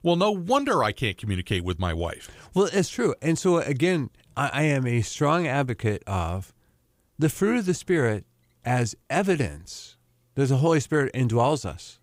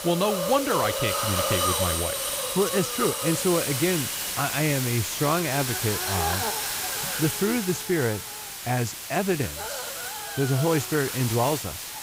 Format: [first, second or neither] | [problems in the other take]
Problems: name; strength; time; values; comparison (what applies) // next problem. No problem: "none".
first | hiss; loud; throughout; 1 dB below the speech